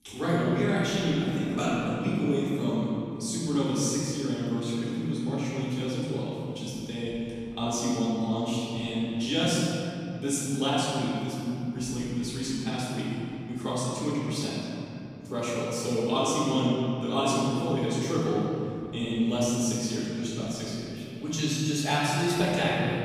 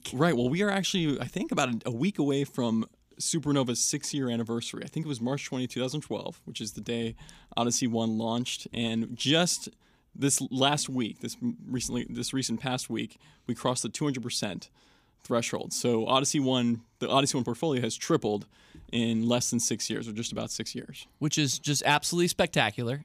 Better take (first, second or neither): second